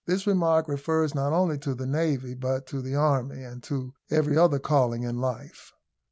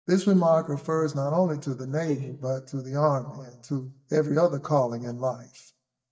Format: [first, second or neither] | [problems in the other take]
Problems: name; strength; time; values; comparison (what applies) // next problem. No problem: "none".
first | noise reduction (neural mask model DeepFilterNet 3)